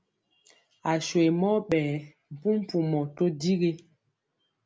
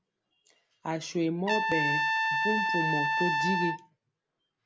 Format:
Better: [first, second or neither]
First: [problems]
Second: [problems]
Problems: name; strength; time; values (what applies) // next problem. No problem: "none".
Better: first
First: none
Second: background sound (Trumpet); 3 dB above the speech